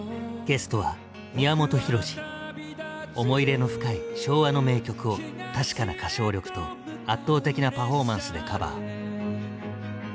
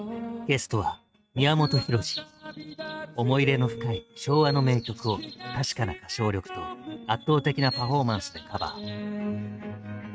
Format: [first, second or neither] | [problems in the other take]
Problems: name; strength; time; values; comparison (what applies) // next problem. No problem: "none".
first | noise reduction (neural mask model RNNoise)